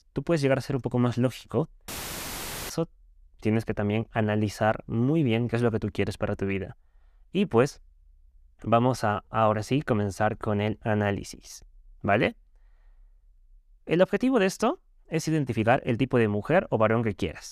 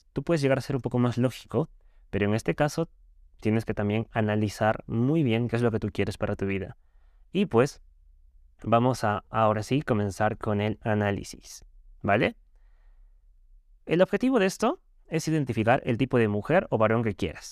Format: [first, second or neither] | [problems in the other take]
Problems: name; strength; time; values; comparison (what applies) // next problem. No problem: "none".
second | audio cutting out; filled with static; at 2 s for 1 s